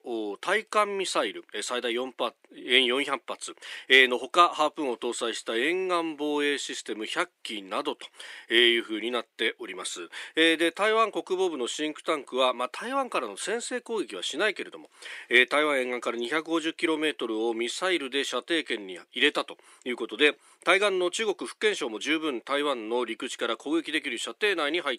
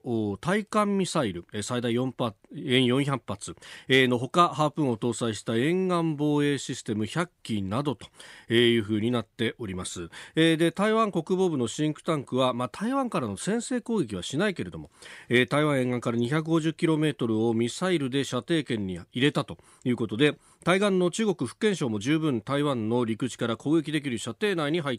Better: second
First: thin; somewhat; fading below 350 Hz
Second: none

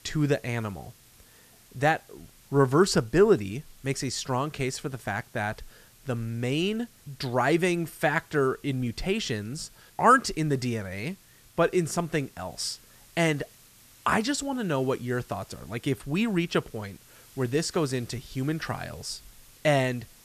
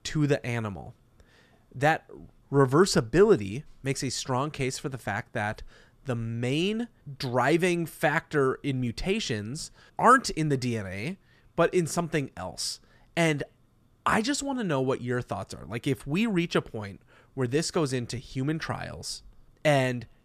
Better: second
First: hiss; faint; throughout; 25 dB below the speech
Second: none

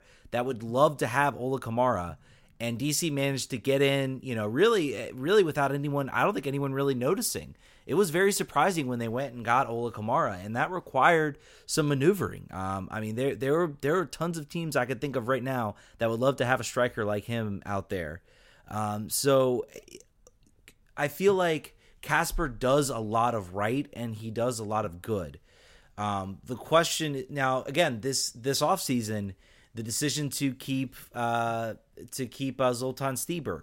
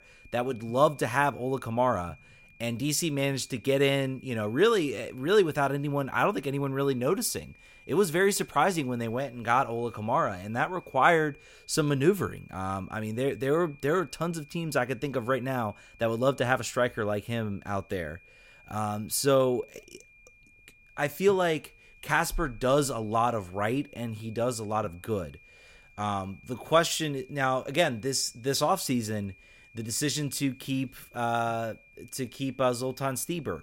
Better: first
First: none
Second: high-pitched whine; faint; throughout; 2.5 kHz, 25 dB below the speech

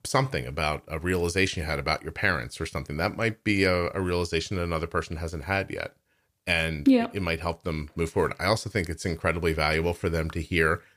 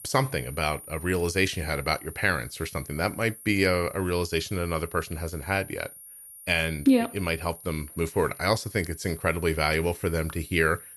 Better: first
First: none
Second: high-pitched whine; noticeable; throughout; 10 kHz, 15 dB below the speech

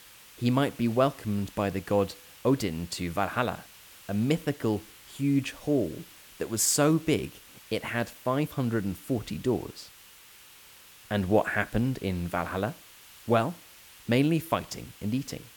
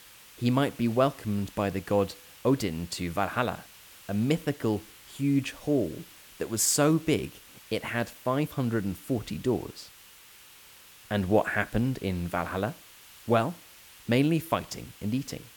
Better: neither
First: hiss; faint; throughout; 20 dB below the speech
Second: hiss; faint; throughout; 20 dB below the speech

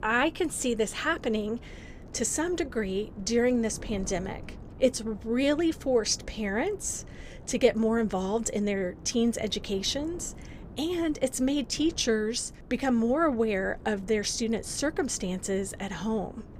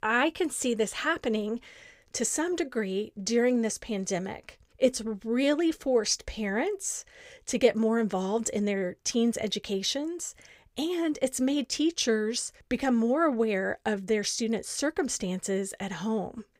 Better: second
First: wind noise on the microphone; occasional gusts; 20 dB below the speech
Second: none

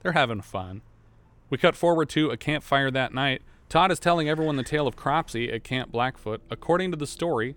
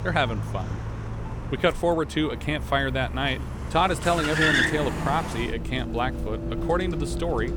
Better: first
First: traffic noise; faint; throughout; 30 dB below the speech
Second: traffic noise; loud; throughout; 3 dB below the speech

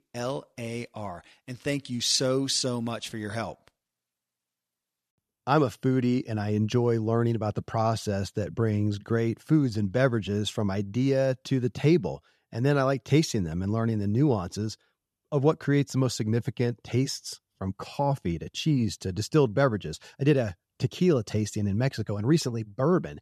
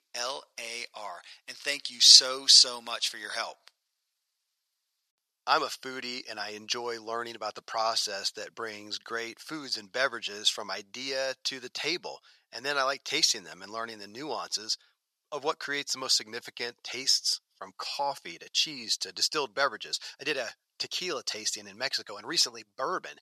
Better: first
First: none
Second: thin; very; fading below 950 Hz

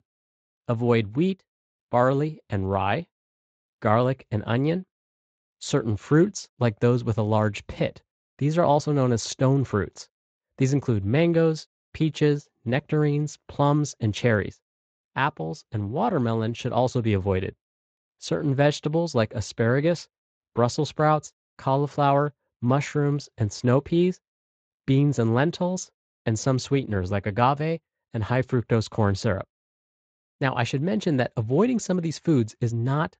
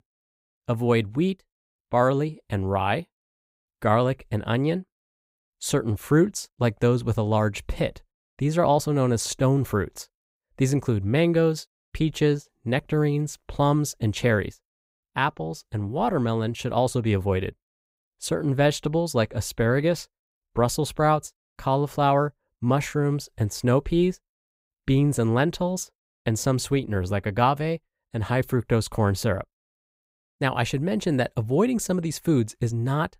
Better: second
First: garbled, watery; slightly; nothing above 7.5 kHz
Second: none

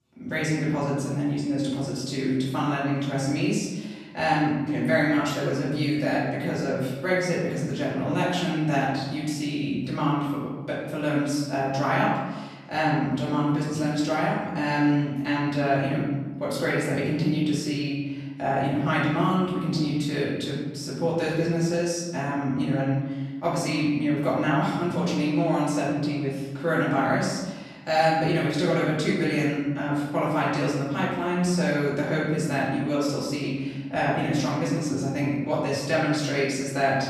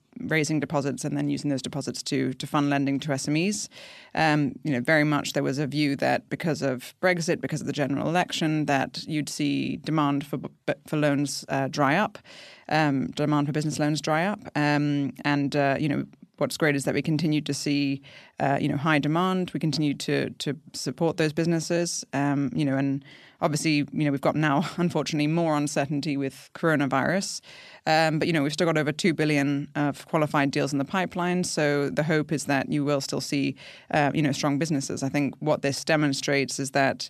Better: second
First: off-mic speech; far // room echo; noticeable; dies away in 1.1 s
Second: none

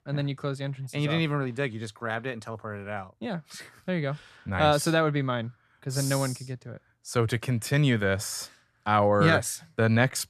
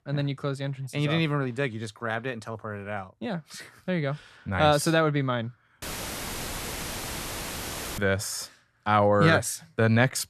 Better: first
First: none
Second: audio cutting out; filled with static; at 6 s for 2 s

